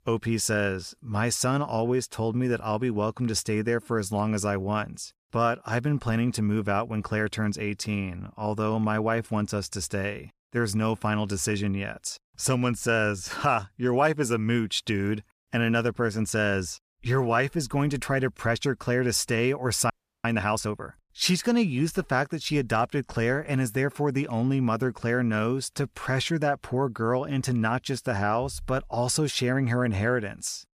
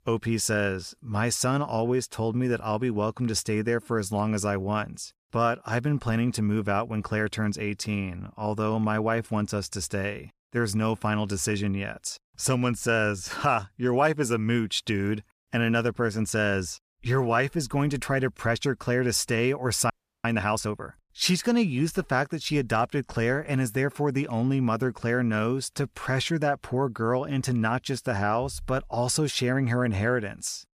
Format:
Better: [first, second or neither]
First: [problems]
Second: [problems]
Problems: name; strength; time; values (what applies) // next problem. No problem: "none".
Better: neither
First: audio freezing; at 20 s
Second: audio freezing; at 20 s